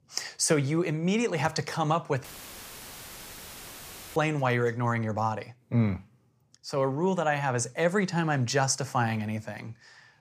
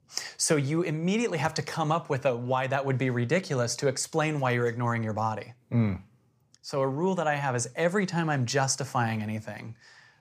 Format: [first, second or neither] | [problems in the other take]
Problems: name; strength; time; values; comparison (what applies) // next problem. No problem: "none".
second | audio cutting out; filled with static; at 2 s for 2 s